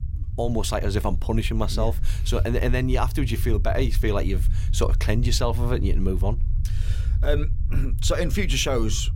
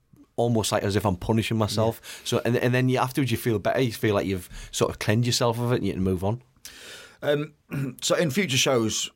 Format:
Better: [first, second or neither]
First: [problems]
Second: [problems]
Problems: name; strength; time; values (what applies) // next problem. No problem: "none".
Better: second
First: low rumble; noticeable; throughout; 15 dB below the speech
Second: none